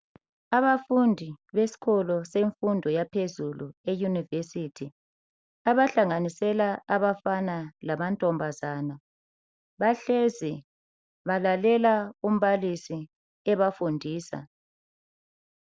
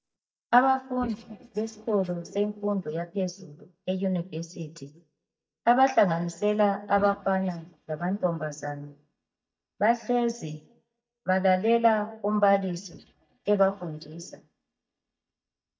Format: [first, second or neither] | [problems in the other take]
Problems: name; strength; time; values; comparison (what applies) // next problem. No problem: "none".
first | noise reduction (neural mask model DeepFilterNet 3)